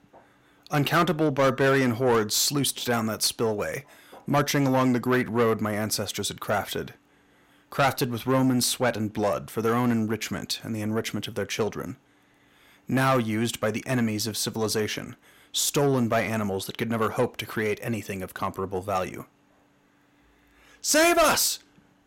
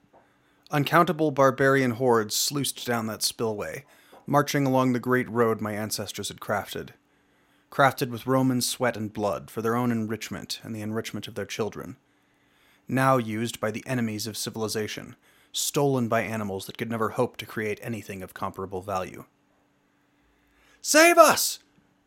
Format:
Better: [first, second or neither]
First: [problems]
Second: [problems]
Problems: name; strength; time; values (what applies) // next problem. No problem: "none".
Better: second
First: distortion; heavy; 8 dB below the speech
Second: none